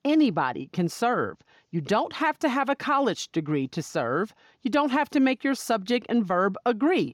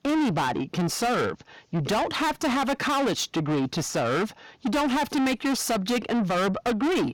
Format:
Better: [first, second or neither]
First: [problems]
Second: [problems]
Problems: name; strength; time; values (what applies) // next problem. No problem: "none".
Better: first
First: none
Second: distortion; heavy; 6 dB below the speech